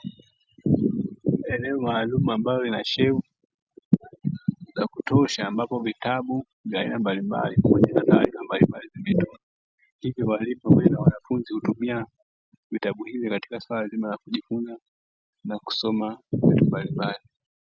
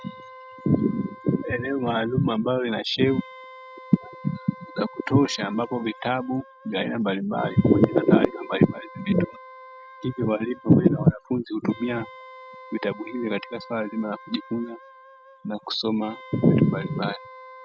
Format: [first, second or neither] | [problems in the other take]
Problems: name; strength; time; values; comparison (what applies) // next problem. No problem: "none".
first | background sound (Wind instrument, woodwind instrument); 20 dB below the speech